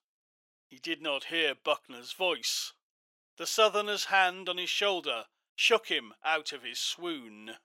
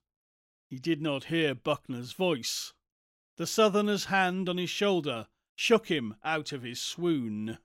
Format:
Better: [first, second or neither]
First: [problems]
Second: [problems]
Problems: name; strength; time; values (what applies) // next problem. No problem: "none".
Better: second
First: thin; very; fading below 650 Hz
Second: none